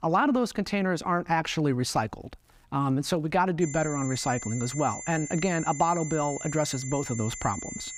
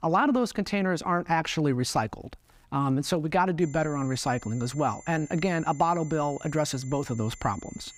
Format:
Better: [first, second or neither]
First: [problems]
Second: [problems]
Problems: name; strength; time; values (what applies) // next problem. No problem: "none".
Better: second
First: high-pitched whine; loud; from 3.5 s on; 7 kHz, 9 dB below the speech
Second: high-pitched whine; faint; from 3.5 s on; 7 kHz, 20 dB below the speech